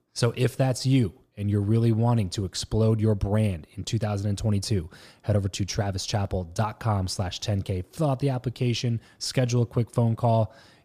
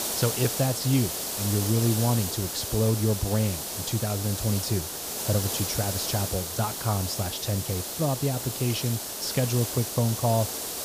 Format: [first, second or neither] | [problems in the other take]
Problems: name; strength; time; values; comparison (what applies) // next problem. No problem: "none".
first | hiss; loud; throughout; 2 dB below the speech